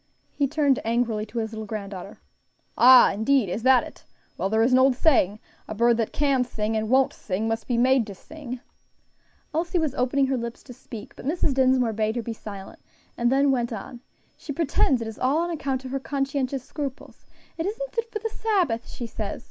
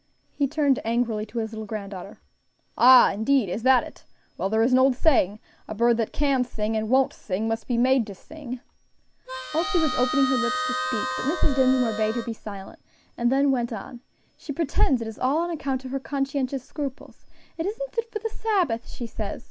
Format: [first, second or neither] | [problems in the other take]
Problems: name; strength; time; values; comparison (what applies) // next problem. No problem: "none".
first | background sound (Harmonica); 6 dB below the speech